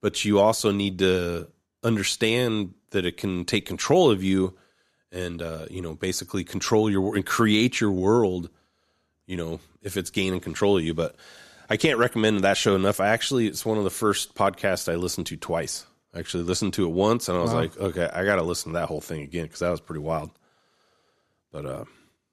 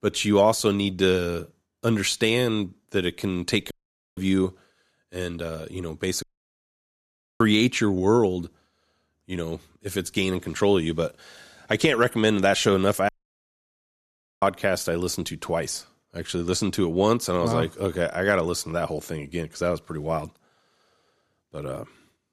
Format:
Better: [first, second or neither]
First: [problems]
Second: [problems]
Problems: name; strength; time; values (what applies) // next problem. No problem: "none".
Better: first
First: none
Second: audio cutting out; at 3.5 s, at 6 s for 1 s and at 13 s for 1.5 s